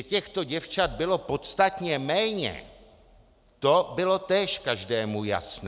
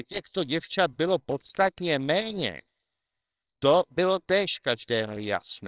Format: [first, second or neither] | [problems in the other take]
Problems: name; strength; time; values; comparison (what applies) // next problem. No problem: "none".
first | noise reduction (neural separator model SepFormer WHAMR!)